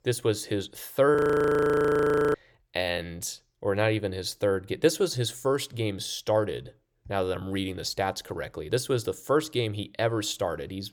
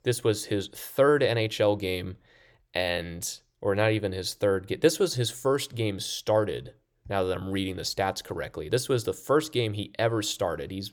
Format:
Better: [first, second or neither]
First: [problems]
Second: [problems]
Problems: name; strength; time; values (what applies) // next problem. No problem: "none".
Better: second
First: audio freezing; at 1 s for 1 s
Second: none